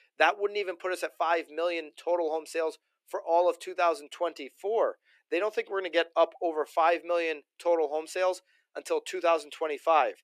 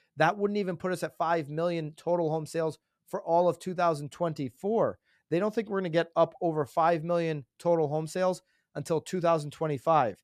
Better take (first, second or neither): second